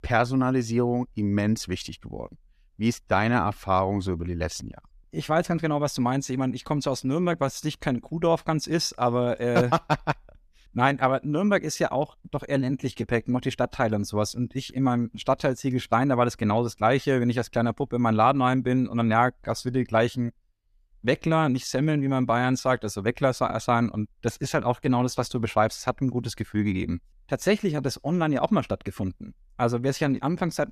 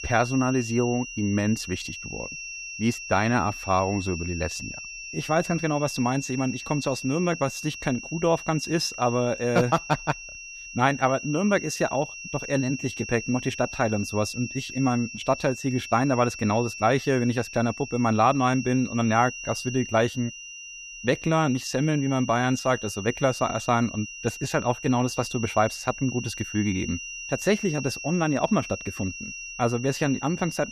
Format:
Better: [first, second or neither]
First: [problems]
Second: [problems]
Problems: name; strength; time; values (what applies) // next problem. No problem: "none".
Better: first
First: none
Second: high-pitched whine; loud; throughout; 2.5 kHz, 10 dB below the speech